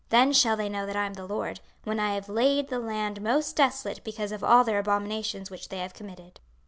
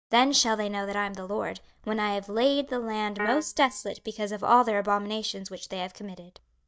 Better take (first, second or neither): first